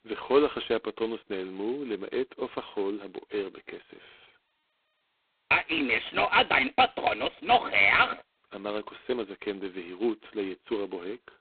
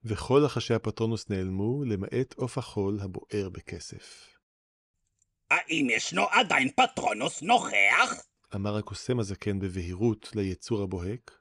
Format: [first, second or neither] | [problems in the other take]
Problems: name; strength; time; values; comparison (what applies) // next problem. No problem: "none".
second | phone-call audio; poor line; nothing above 4 kHz